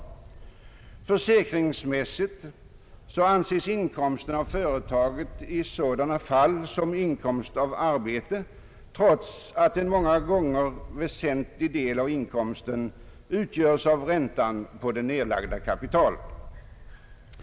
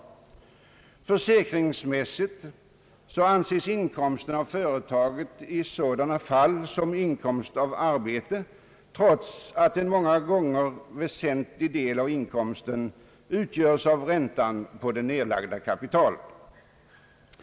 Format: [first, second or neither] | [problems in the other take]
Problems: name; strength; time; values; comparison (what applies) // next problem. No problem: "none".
second | background sound (Wind); 17 dB below the speech